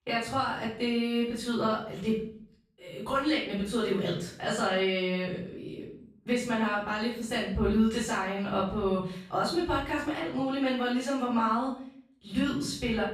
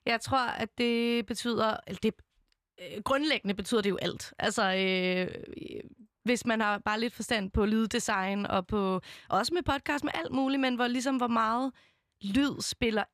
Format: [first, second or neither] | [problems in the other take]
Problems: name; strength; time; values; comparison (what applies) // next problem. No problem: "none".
second | off-mic speech; far // room echo; noticeable; dies away in 0.5 s